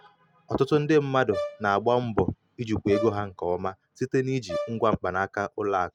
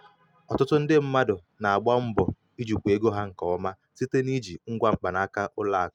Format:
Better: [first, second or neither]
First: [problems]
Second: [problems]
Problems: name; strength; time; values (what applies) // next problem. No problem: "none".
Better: second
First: background sound (Brass instrument); 12 dB below the speech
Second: none